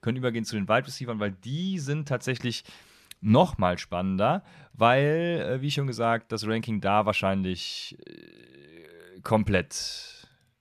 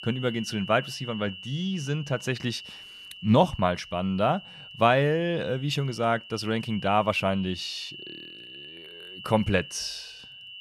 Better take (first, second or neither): first